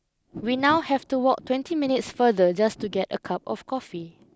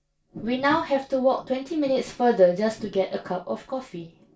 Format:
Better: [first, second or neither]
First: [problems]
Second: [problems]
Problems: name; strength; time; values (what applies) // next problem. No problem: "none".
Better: first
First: none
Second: room echo; dies away in 0.2 s